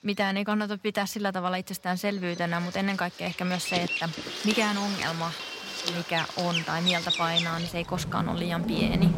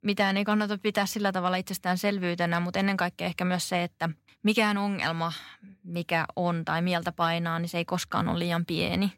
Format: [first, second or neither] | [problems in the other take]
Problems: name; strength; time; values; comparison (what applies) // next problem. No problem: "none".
second | animal sounds; loud; throughout; 2 dB below the speech